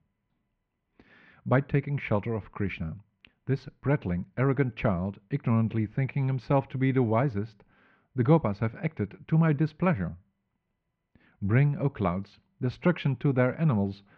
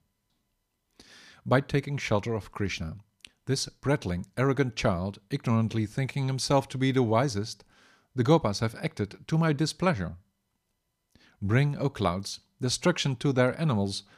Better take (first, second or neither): second